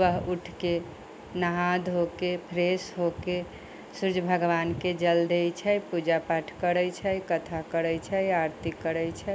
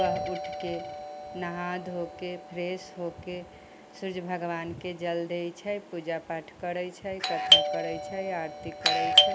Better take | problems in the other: first | background sound (Doorbell); 4 dB above the speech

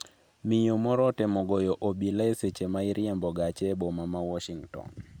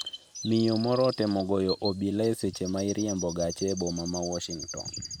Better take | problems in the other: first | background sound (Chirp, tweet); 12 dB below the speech

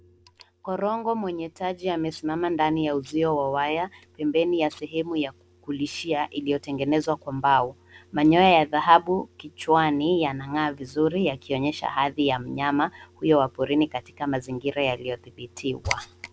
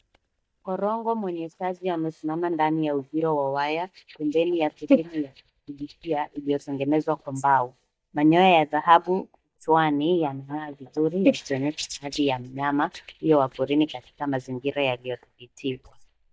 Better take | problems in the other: first | noise reduction (neural mask model DeepFilterNet 3)

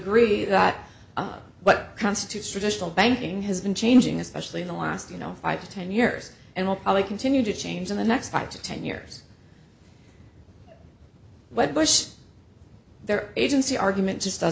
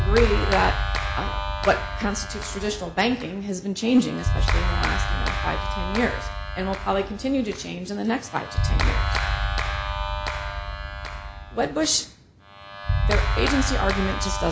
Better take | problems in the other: first | background sound (Clapping); 1 dB above the speech

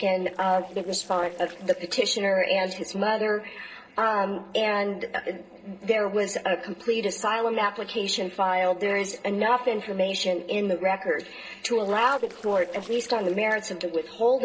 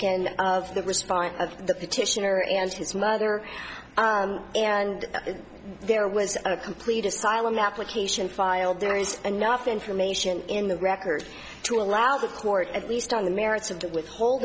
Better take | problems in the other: second | noise reduction (neural separator model SepFormer DNS4)

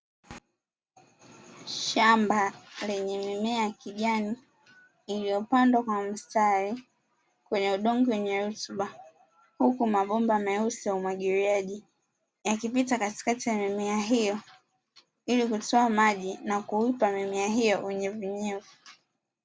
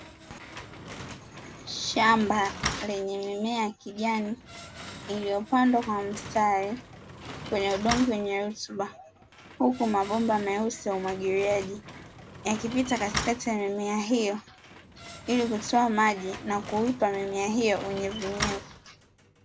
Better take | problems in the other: first | background sound (Slam); 12 dB below the speech

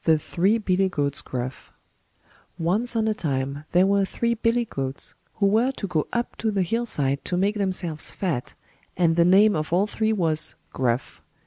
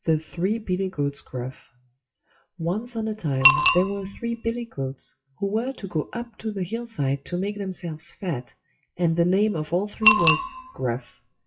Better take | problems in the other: first | noise reduction (classical method WPE with log-MMSE)

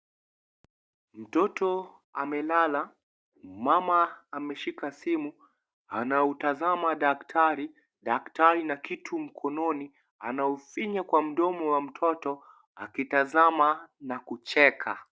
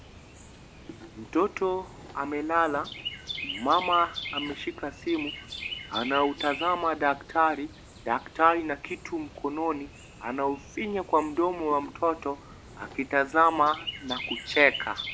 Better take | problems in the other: first | background sound (Chirp, tweet); 12 dB below the speech

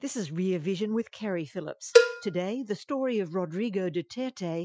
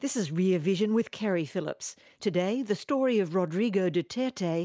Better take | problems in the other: second | noise reduction (classical method Wiener filter)

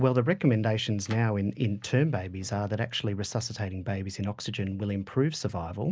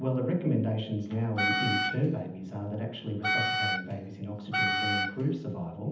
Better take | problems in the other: first | background sound (Wind instrument, woodwind instrument); as loud as the speech // room echo; dies away in 0.8 s

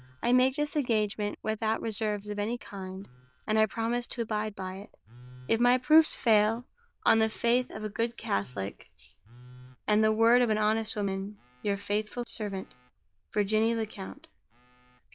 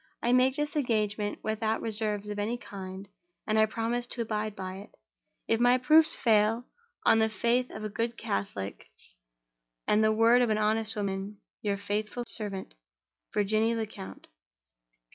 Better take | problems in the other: second | noise reduction (neural diffusion model UNIVERSE++)

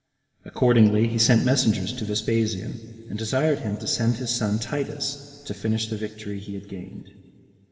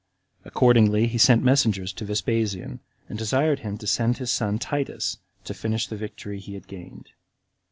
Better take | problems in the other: second | room echo; dies away in 2.3 s

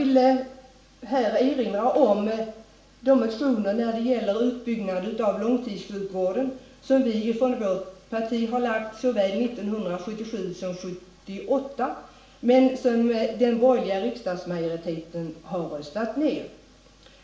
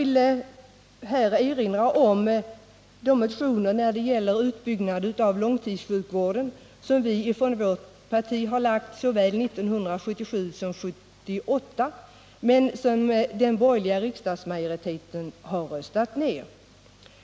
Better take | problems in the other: second | room echo; dies away in 0.5 s

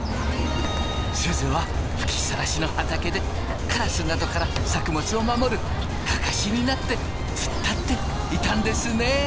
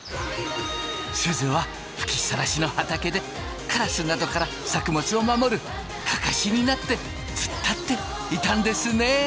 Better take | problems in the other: second | background sound (Rain); as loud as the speech

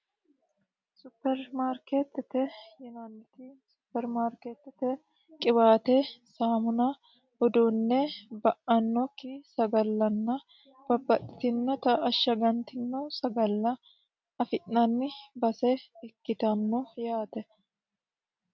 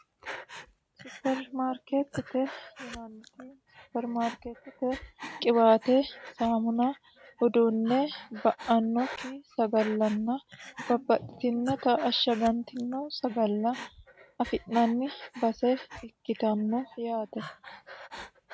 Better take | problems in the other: first | background sound (Breathing); 17 dB below the speech

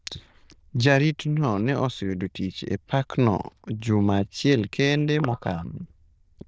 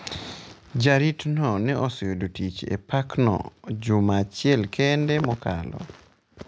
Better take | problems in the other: second | noise reduction (neural diffusion model UNIVERSE++)

